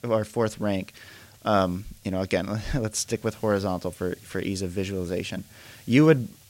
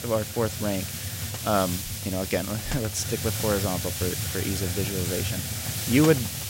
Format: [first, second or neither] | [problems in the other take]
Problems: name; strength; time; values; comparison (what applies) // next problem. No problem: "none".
first | hiss; loud; throughout; 2 dB below the speech; faint in the first